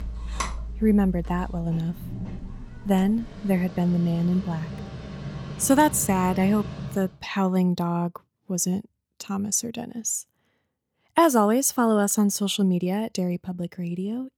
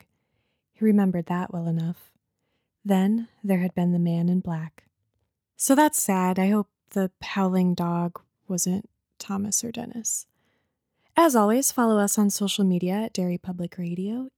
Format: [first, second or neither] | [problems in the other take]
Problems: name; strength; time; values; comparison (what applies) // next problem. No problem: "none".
second | machinery noise; noticeable; until 7 s; 10 dB below the speech